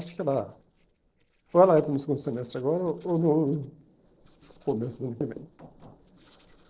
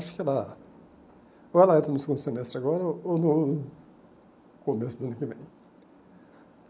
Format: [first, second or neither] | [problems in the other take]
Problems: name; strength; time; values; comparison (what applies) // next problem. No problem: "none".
second | noise reduction (neural separator model SepFormer DNS4)